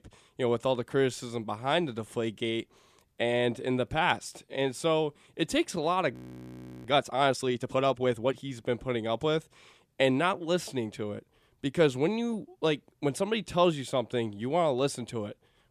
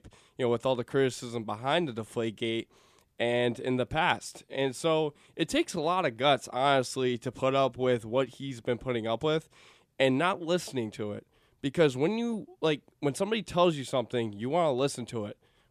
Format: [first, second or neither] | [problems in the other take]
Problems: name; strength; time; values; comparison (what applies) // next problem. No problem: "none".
second | audio freezing; at 6 s for 0.5 s